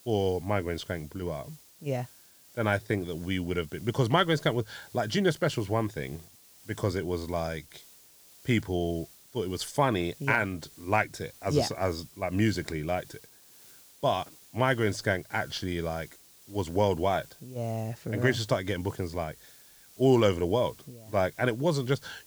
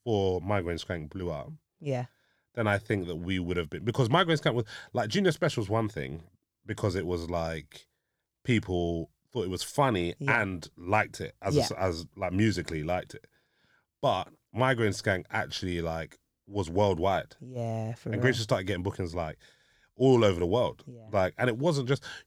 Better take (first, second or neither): second